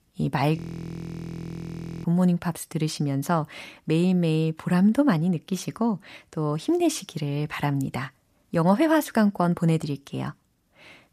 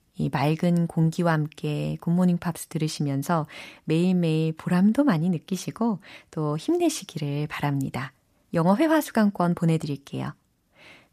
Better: second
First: audio freezing; at 0.5 s for 1.5 s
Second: none

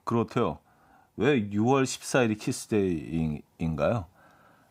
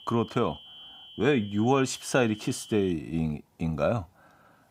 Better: first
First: none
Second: high-pitched whine; noticeable; until 3 s; 3 kHz, 20 dB below the speech

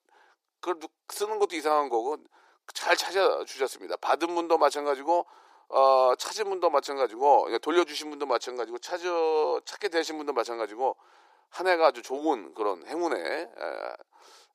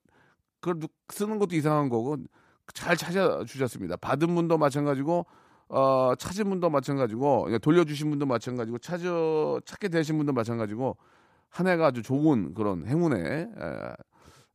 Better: second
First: thin; very; fading below 350 Hz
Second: none

